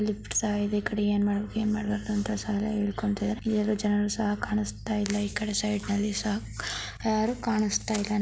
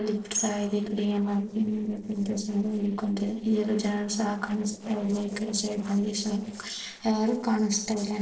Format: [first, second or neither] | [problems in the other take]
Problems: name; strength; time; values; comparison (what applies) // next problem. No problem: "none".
first | noise reduction (neural separator model SepFormer DNS4)